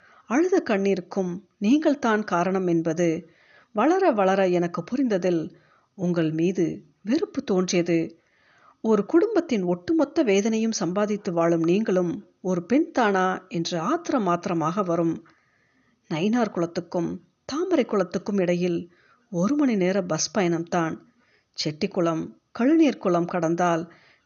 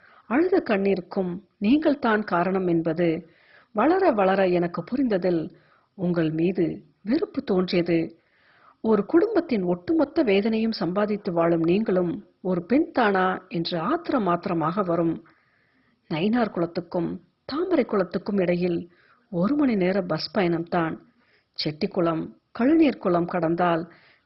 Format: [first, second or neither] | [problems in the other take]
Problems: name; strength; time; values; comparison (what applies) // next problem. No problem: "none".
first | garbled, watery; badly; nothing above 5.5 kHz; slightly in the first